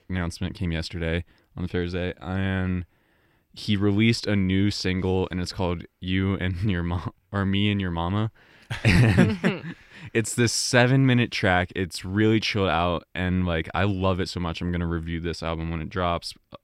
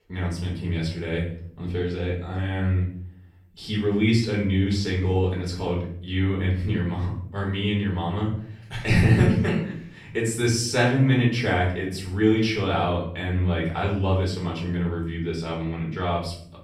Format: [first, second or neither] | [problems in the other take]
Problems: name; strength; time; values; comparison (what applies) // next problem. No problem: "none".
first | room echo; noticeable; dies away in 0.5 s // off-mic speech; far